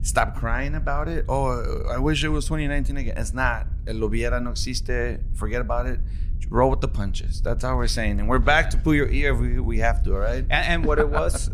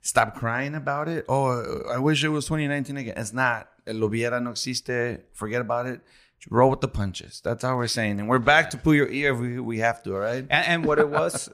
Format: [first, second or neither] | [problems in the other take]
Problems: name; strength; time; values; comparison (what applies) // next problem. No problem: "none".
second | wind noise on the microphone; occasional gusts; 25 dB below the speech